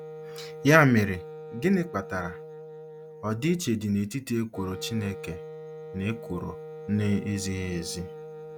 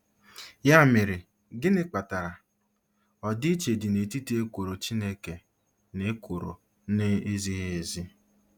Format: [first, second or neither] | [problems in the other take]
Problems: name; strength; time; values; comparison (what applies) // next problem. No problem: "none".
second | background sound (Wind instrument, woodwind instrument); 13 dB below the speech